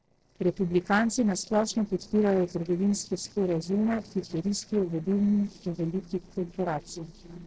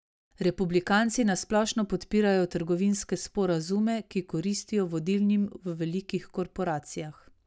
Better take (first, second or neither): second